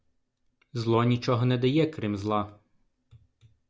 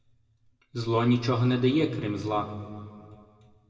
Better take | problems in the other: first | room echo; dies away in 1.8 s

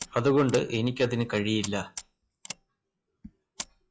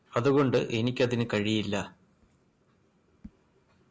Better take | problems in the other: second | noise reduction (classical method log-MMSE)

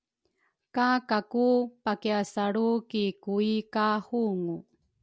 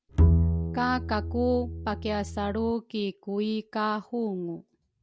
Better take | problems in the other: first | background sound (Bowed string instrument); 4 dB above the speech

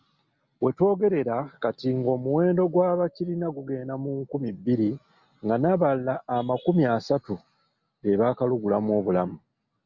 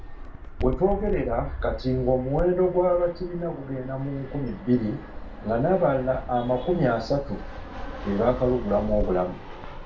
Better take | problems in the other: first | background sound (Fixed-wing aircraft, airplane); 9 dB below the speech // room echo; dies away in 0.3 s

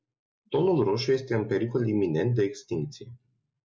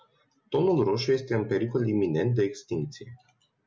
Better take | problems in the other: second | noise reduction (neural mask model Resemble Enhance denoiser)

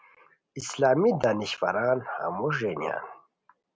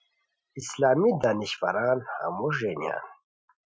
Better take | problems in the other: first | noise reduction (classical method Wiener filter)

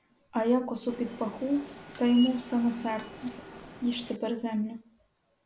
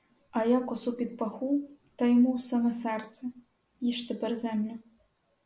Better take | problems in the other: second | background sound (Subway, metro, underground); 14 dB below the speech

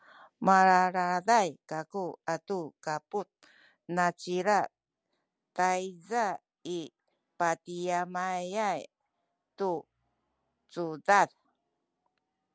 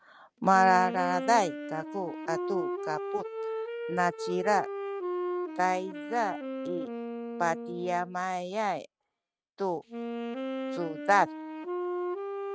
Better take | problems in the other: first | noise reduction (neural mask model RNNoise)

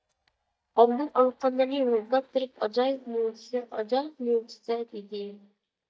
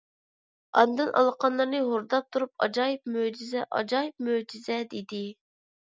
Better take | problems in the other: second | noise reduction (neural mask model DeepFilterNet 3)

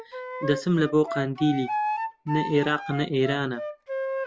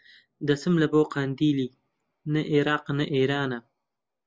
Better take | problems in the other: second | background sound (Wind instrument, woodwind instrument); 6 dB below the speech

